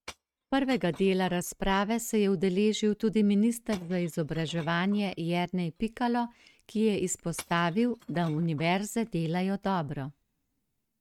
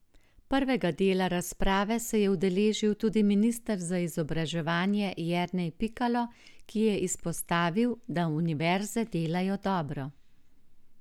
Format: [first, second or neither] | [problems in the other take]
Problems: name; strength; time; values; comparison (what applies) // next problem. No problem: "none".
second | noise reduction (neural mask model RNNoise)